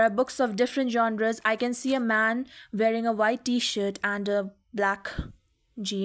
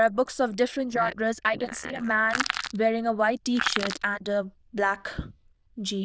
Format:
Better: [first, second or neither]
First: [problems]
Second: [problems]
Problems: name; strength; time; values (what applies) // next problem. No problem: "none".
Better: first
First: none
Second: noise reduction (neural diffusion model UNIVERSE++)